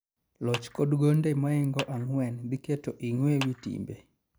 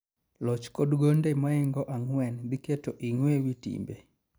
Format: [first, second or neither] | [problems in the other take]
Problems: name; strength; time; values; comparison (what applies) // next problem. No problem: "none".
second | background sound (Clapping); 15 dB below the speech